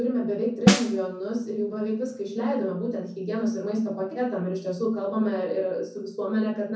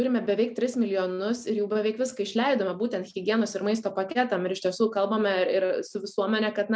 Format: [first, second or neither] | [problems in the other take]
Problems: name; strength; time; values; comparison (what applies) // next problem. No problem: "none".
second | background sound (Snare drum); as loud as the speech // room echo; dies away in 0.6 s